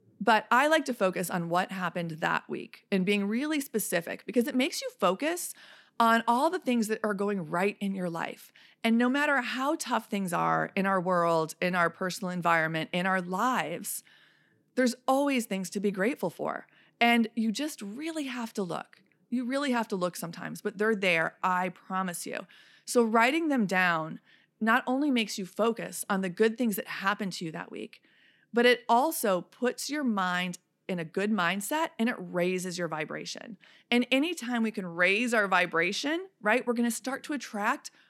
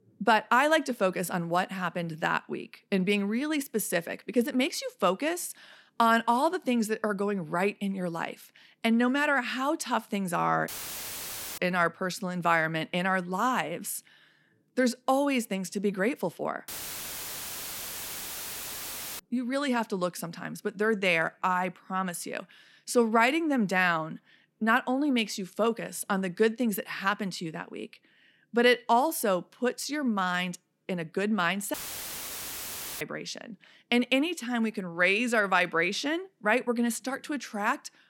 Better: first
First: none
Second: audio cutting out; filled with static; at 11 s for 1 s, at 17 s for 2.5 s and at 32 s for 1.5 s

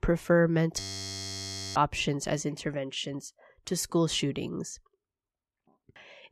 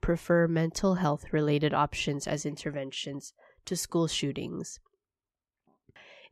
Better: second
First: audio freezing; at 1 s for 1 s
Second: none

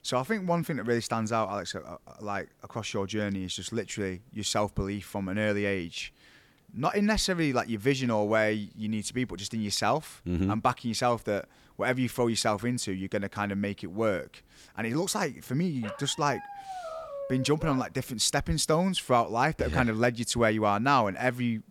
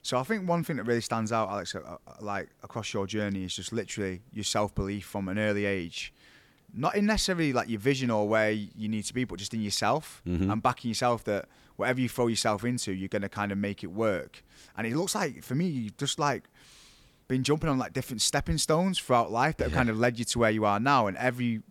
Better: second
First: dog barking; noticeable; from 16 to 18 s; peak 9 dB below the speech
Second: none

